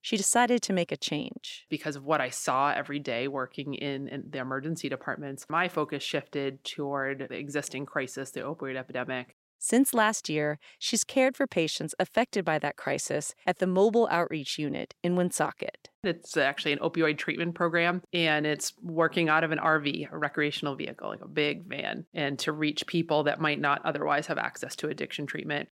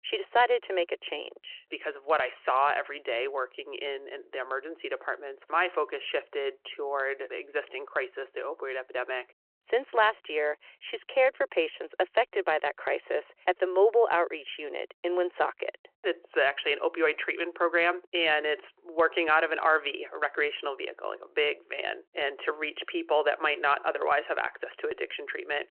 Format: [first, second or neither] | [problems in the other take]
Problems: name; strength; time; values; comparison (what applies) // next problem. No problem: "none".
first | phone-call audio